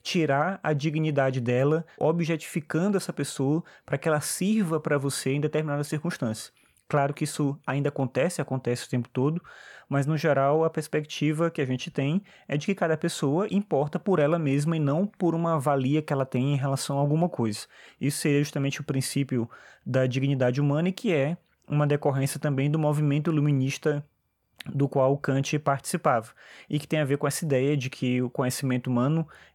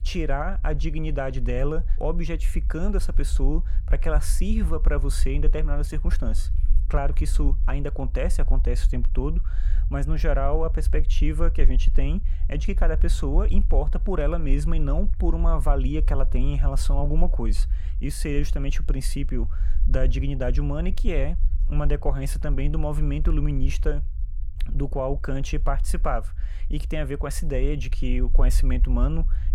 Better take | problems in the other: first | low rumble; noticeable; throughout; 20 dB below the speech

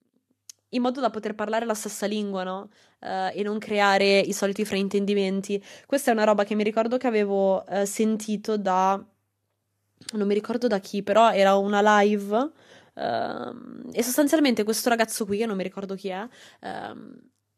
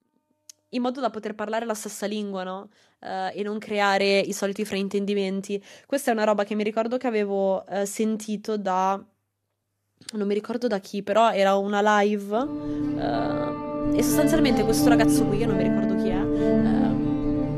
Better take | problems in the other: first | background music; very loud; throughout; 2 dB above the speech

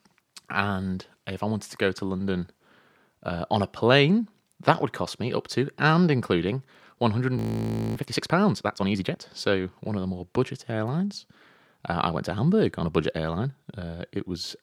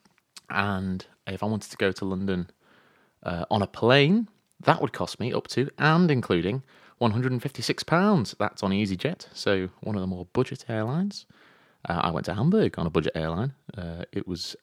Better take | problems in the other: second | audio freezing; at 7.5 s for 0.5 s

